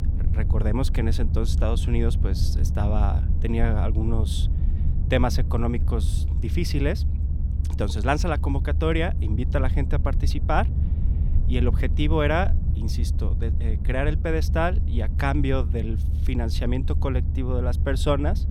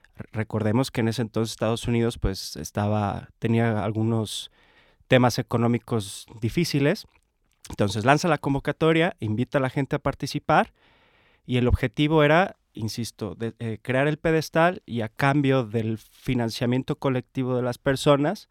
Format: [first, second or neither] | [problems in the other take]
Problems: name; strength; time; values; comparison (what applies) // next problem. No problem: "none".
second | low rumble; noticeable; throughout; 10 dB below the speech